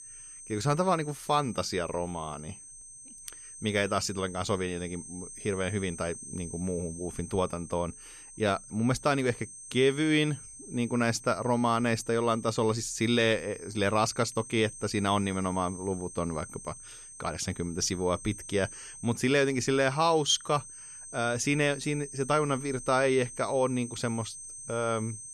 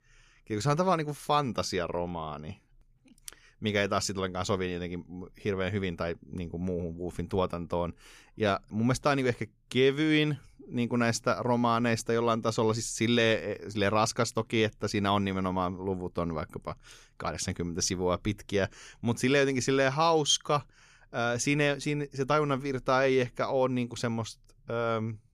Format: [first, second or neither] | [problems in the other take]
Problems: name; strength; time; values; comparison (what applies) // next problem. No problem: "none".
second | high-pitched whine; noticeable; throughout; 8.5 kHz, 15 dB below the speech